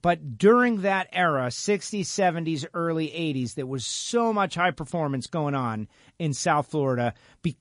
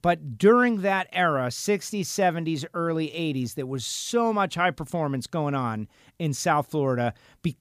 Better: second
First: garbled, watery; slightly; nothing above 10.5 kHz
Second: none

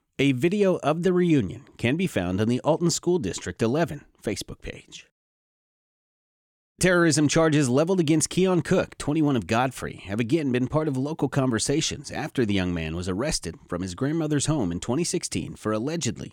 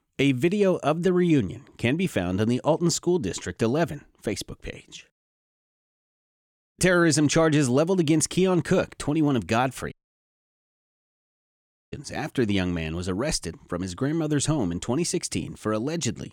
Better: first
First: none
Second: audio cutting out; at 10 s for 2 s

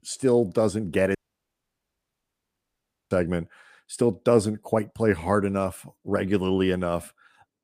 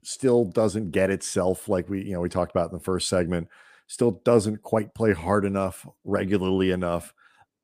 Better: second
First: audio cutting out; at 1 s for 2 s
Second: none

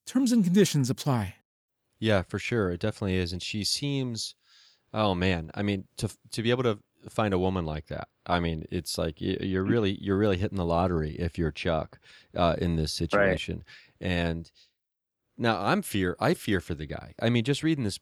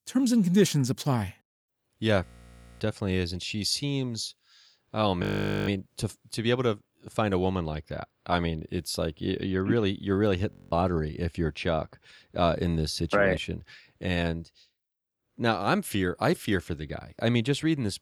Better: first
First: none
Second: audio freezing; at 2.5 s for 0.5 s, at 5 s and at 11 s

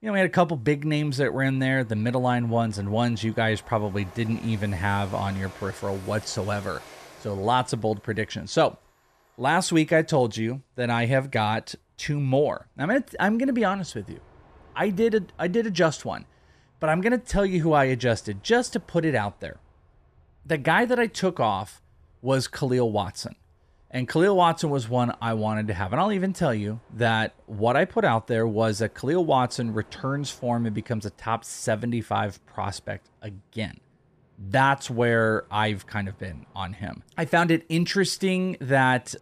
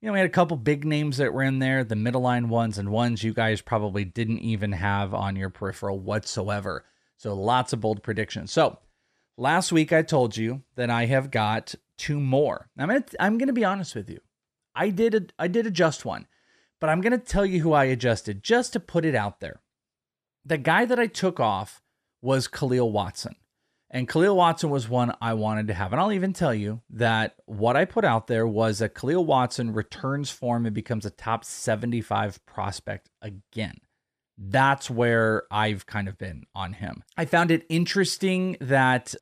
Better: second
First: train or aircraft noise; faint; throughout; 25 dB below the speech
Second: none

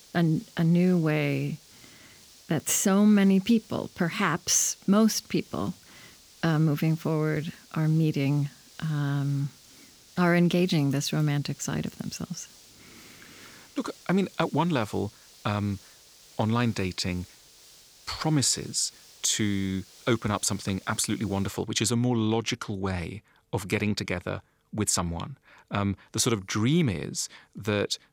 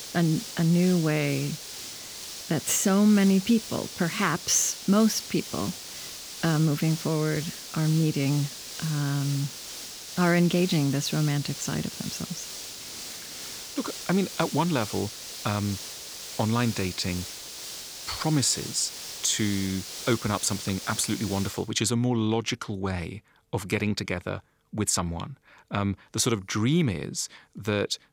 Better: first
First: hiss; faint; until 22 s; 25 dB below the speech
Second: hiss; loud; until 22 s; 9 dB below the speech

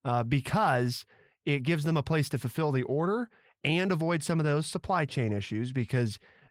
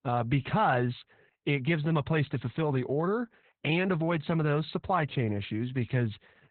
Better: first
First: garbled, watery; slightly; nothing above 16.5 kHz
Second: garbled, watery; badly; nothing above 4 kHz

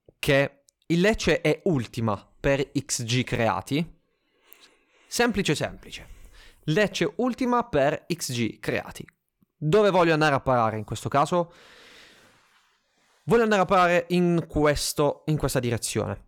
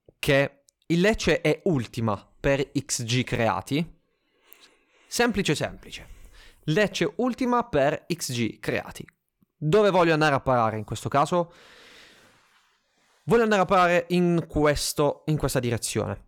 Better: neither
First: none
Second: none

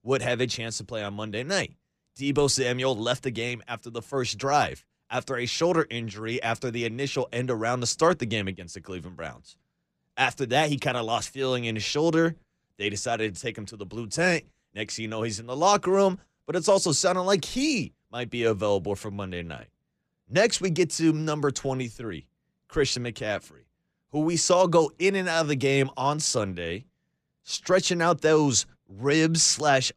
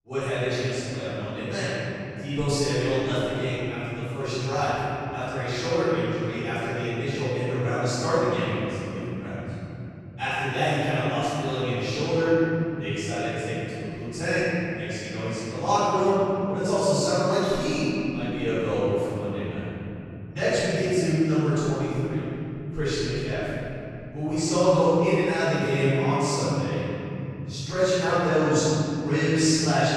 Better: first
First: none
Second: off-mic speech; far // room echo; strong; dies away in 3 s

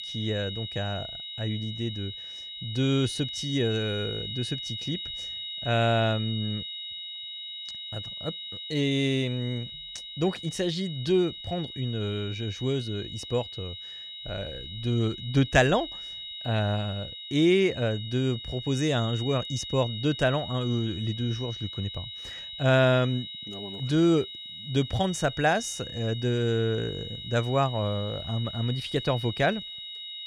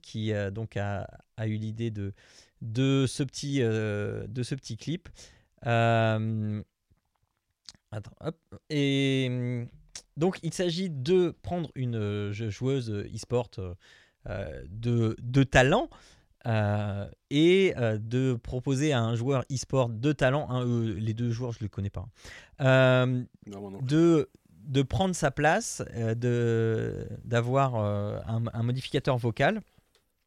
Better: second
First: high-pitched whine; loud; throughout; 4 kHz, 8 dB below the speech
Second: none

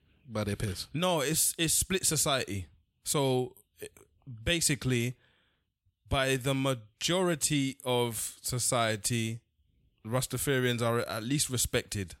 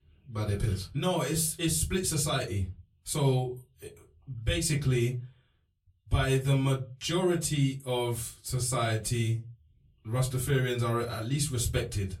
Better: first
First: none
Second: off-mic speech; far // room echo; very slight; dies away in 0.3 s

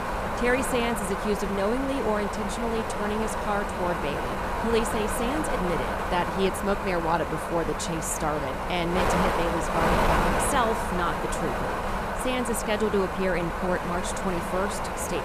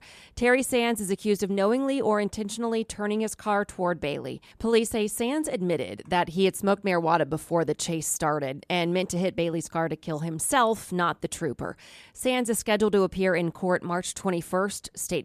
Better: second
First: wind noise on the microphone; heavy; 2 dB above the speech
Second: none

